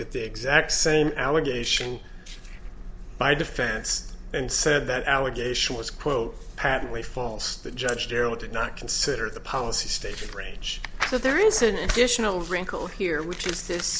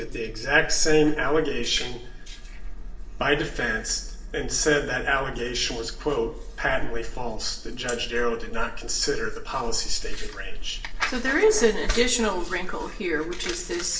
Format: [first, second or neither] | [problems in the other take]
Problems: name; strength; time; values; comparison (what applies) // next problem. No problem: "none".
first | room echo; dies away in 0.6 s